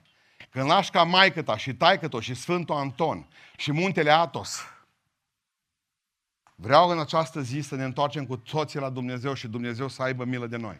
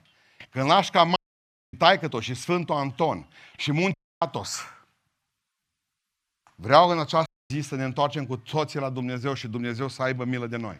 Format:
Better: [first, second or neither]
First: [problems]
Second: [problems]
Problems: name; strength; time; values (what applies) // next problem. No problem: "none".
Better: first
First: none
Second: audio cutting out; at 1 s for 0.5 s, at 4 s and at 7.5 s